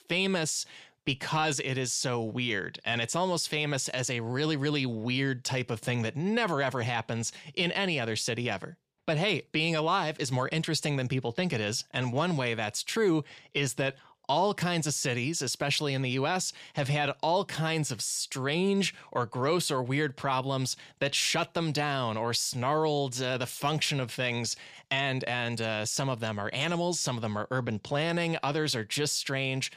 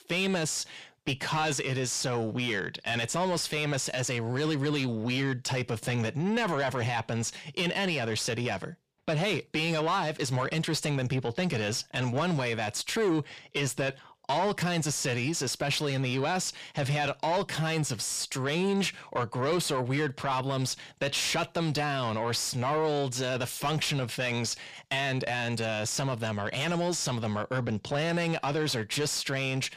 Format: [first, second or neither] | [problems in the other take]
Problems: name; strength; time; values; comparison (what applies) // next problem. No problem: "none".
first | distortion; slight; 10 dB below the speech